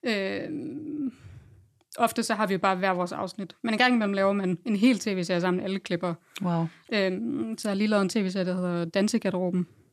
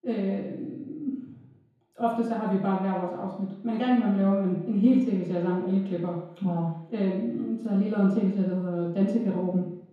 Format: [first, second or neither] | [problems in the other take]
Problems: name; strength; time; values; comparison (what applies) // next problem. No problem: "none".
first | room echo; noticeable; dies away in 0.9 s // off-mic speech; far